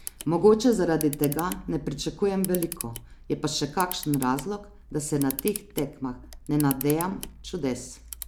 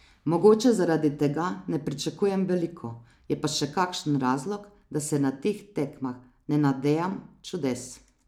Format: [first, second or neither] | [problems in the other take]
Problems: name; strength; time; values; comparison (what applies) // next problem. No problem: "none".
second | background sound (Camera); 13 dB below the speech